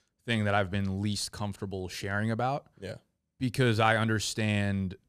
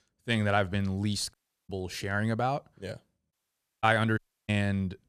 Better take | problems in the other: first | audio cutting out; at 1.5 s, at 3.5 s for 0.5 s and at 4 s

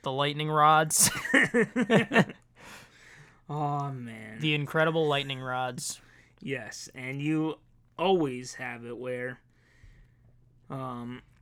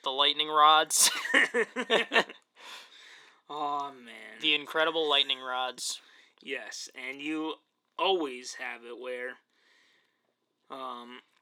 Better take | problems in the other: first | thin; somewhat; fading below 300 Hz

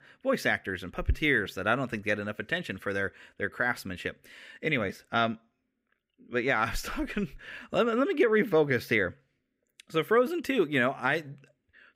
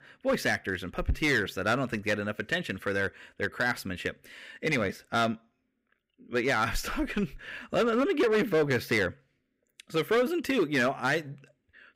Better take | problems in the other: first | distortion; slight; 5% of the sound clipped

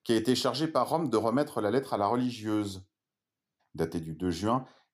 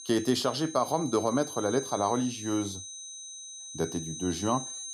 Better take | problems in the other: first | high-pitched whine; loud; throughout; 6 kHz, 9 dB below the speech

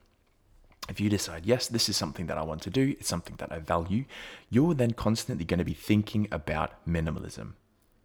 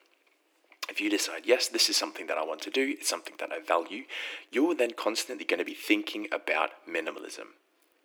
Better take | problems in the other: first | thin; somewhat; fading below 300 Hz

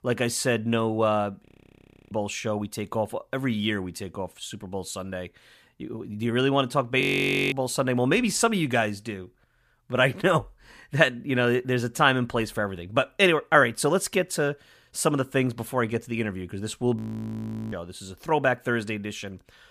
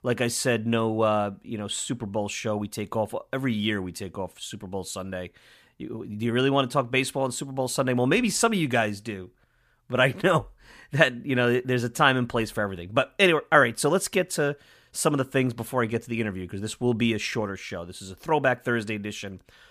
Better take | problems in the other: second | audio freezing; at 1.5 s for 0.5 s, at 7 s for 0.5 s and at 17 s for 1 s

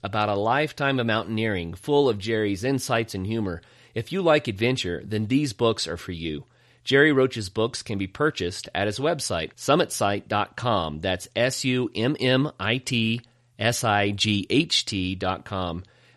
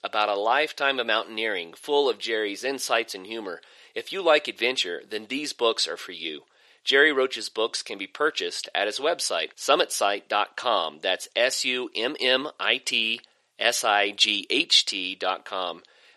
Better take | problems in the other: first | thin; somewhat; fading below 400 Hz

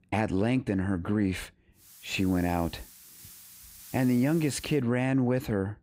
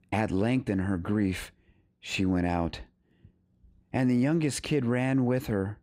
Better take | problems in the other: second | hiss; noticeable; from 2 to 4.5 s; 20 dB below the speech

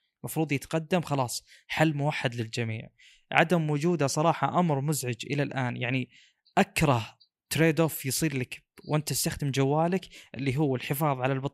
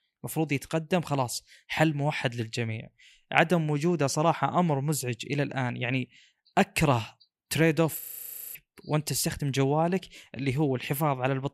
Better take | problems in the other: first | audio freezing; at 8 s for 0.5 s

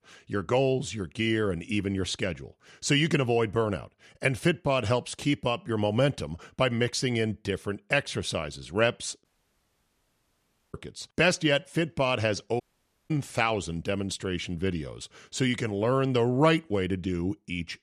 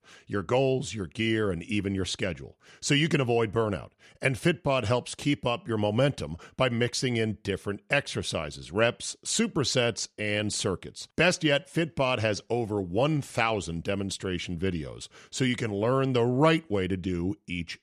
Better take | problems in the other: second | audio cutting out; at 9 s for 1.5 s and at 13 s for 0.5 s

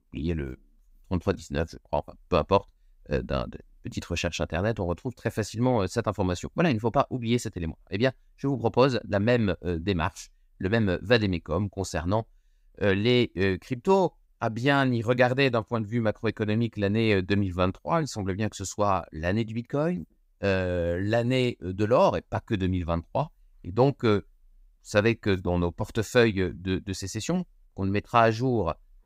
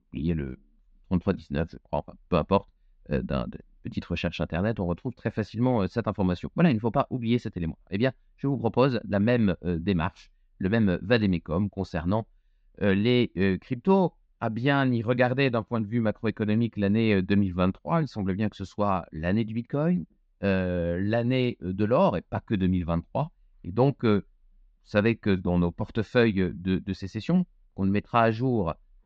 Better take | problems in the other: first | muffled; very slightly; fading above 4 kHz

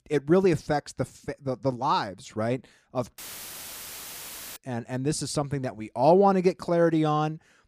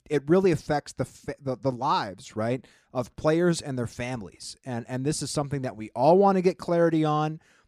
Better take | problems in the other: second | audio cutting out; filled with static; at 3 s for 1.5 s

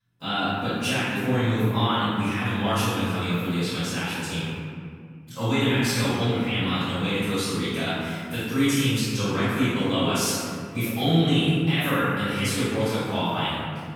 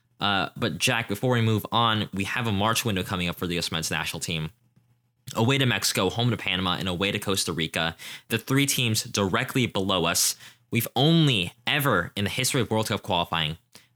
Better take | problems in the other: second | off-mic speech; far // room echo; strong; dies away in 2 s

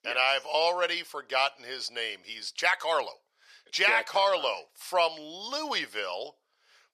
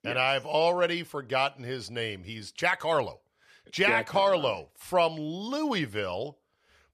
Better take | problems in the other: second | thin; very; fading below 600 Hz

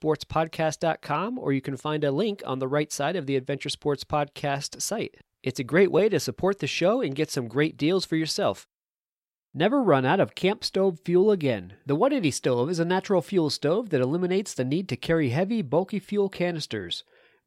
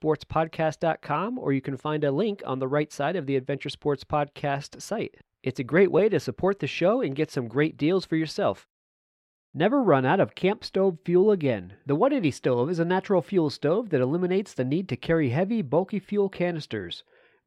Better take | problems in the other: first | muffled; slightly; fading above 4 kHz

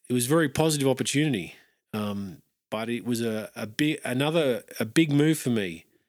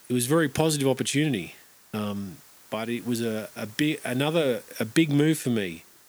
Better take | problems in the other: first | hiss; faint; throughout; 25 dB below the speech

